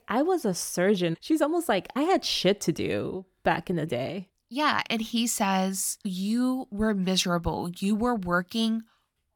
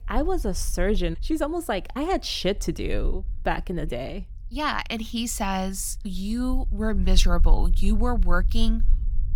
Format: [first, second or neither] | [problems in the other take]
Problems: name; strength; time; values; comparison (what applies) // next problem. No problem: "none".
first | low rumble; faint; throughout; 25 dB below the speech